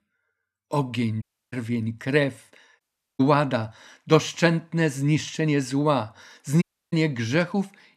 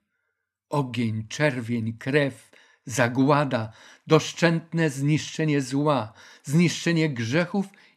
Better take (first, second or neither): second